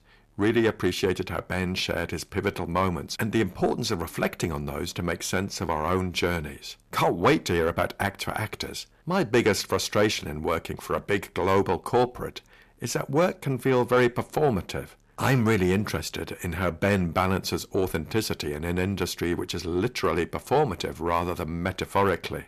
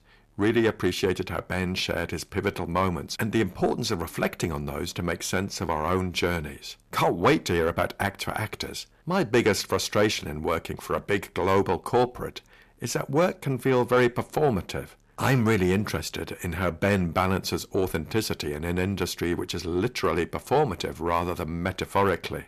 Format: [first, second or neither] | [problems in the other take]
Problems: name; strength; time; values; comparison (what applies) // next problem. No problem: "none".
neither | distortion; slight; 10 dB below the speech; the same in both